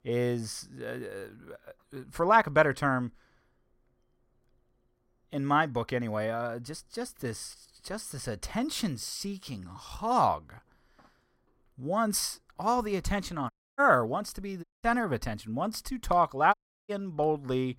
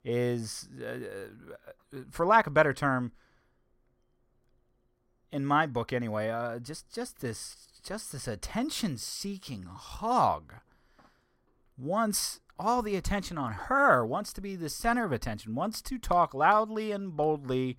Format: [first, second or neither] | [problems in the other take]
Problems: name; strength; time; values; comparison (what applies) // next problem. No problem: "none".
second | audio cutting out; at 14 s, at 15 s and at 17 s